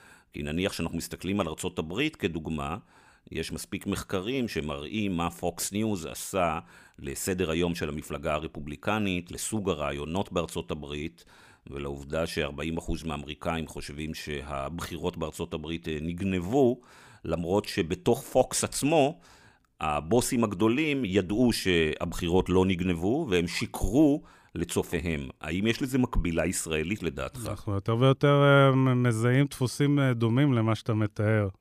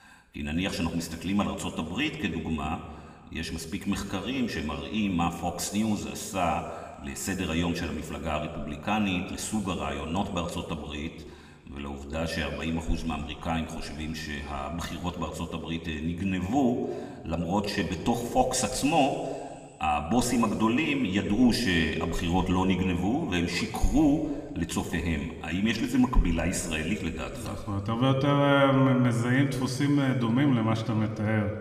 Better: first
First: none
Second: room echo; slight; dies away in 1.9 s

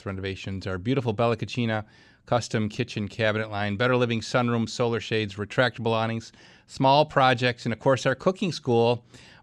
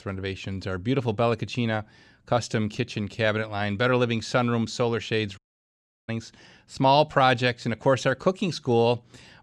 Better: first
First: none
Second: audio cutting out; at 5.5 s for 0.5 s

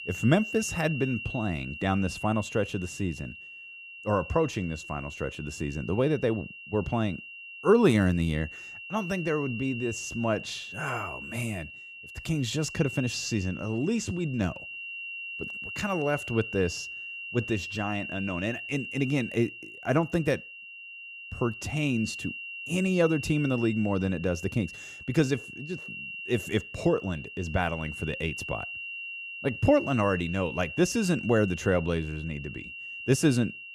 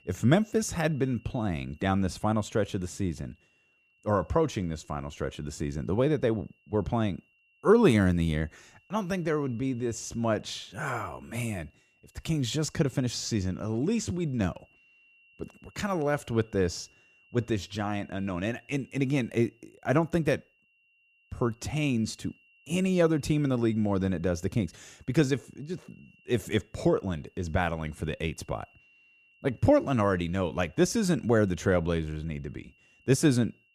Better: second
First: high-pitched whine; loud; throughout; 3 kHz, 9 dB below the speech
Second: high-pitched whine; faint; throughout; 3 kHz, 35 dB below the speech

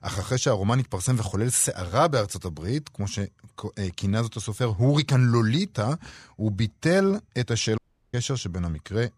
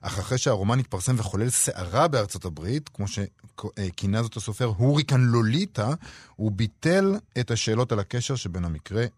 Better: second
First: audio cutting out; at 8 s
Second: none

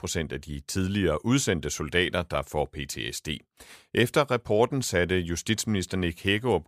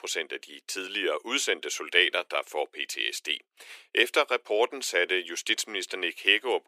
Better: first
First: none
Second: thin; very; fading below 350 Hz

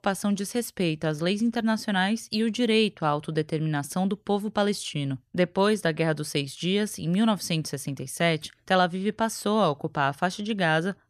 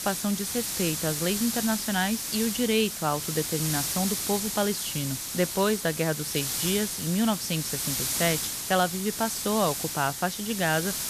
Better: first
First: none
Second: hiss; loud; throughout; 2 dB below the speech

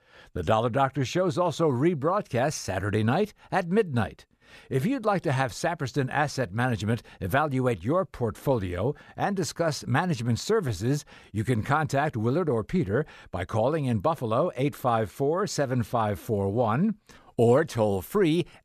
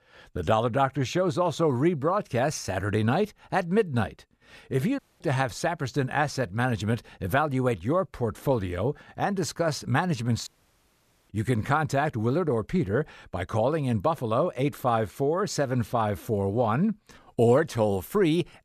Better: first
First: none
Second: audio cutting out; at 5 s and at 10 s for 1 s

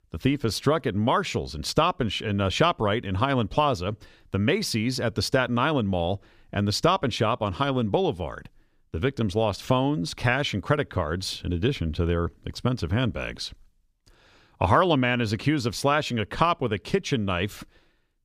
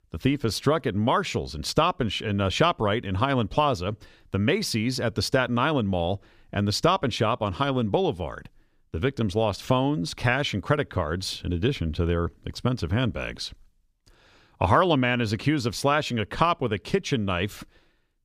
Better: neither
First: none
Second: none

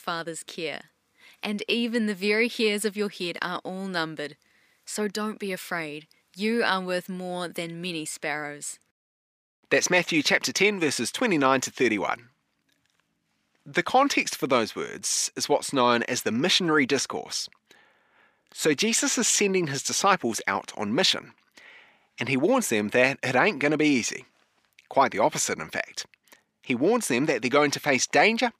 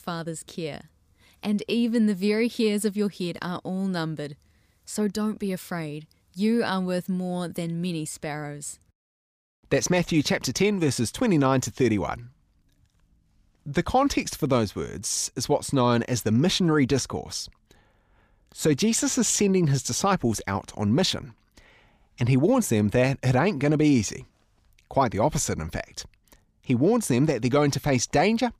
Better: second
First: thin; very slightly; fading below 250 Hz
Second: none

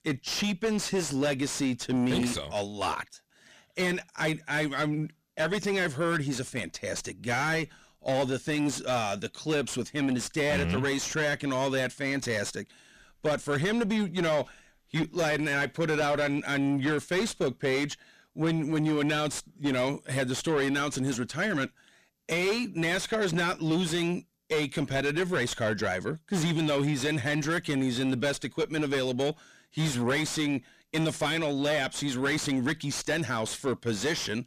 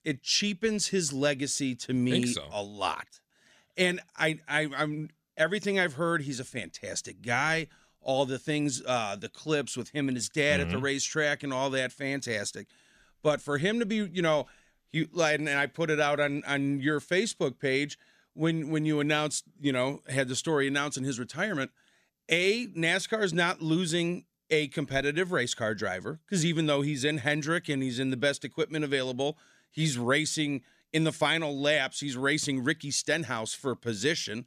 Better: second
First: distortion; heavy; 6 dB below the speech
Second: none

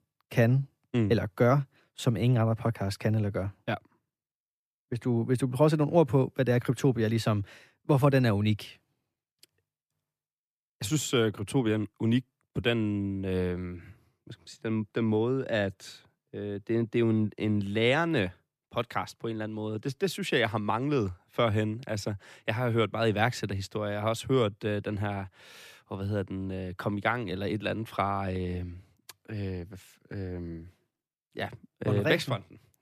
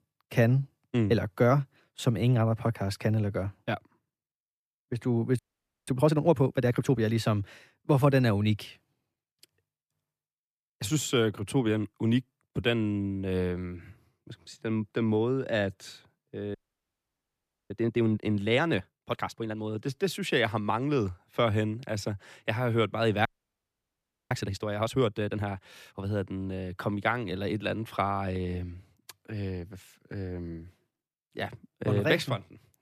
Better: first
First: none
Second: audio freezing; at 5.5 s, at 17 s for 1 s and at 23 s for 1 s

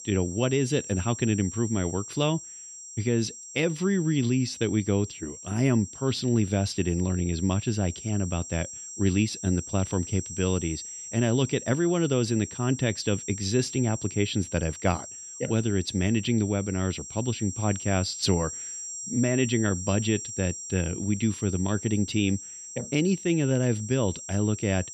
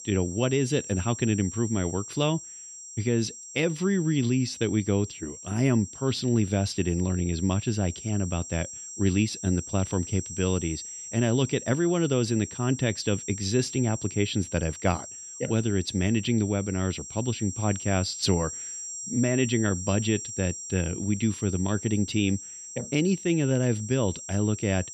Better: neither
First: high-pitched whine; noticeable; throughout; 7.5 kHz, 10 dB below the speech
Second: high-pitched whine; noticeable; throughout; 7.5 kHz, 10 dB below the speech

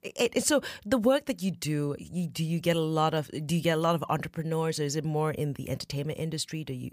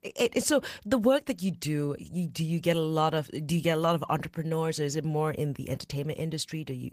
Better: first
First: none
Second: garbled, watery; slightly; nothing above 15 kHz

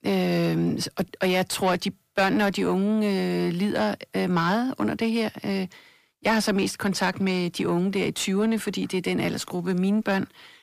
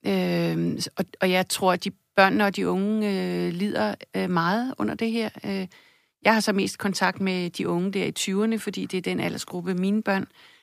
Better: second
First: distortion; slight; 10 dB below the speech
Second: none

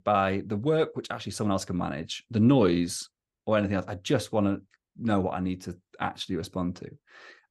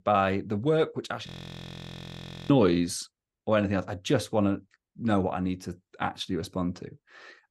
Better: first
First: none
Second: audio freezing; at 1.5 s for 1 s

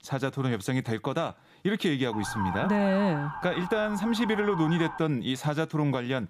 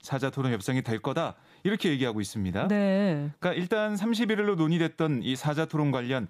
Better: second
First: siren; noticeable; from 2 to 5 s; peak 4 dB below the speech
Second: none

